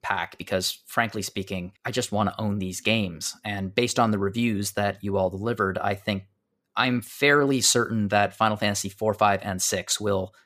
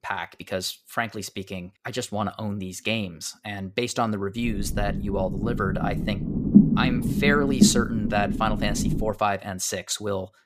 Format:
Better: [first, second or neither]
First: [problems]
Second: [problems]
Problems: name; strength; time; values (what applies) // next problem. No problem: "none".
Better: first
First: none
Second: low rumble; loud; from 4.5 to 9 s; 3 dB below the speech